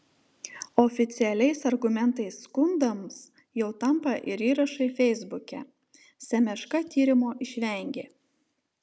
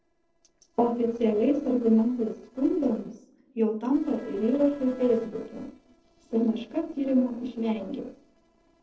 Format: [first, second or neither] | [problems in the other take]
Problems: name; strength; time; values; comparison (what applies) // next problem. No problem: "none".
first | noise reduction (neural separator model SepFormer DNS4)